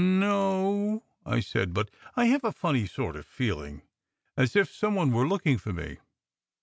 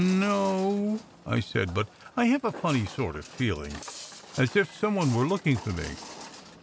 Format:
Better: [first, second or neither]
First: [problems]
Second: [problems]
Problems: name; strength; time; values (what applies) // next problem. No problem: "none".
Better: first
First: none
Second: background sound (Walk, footsteps); 17 dB below the speech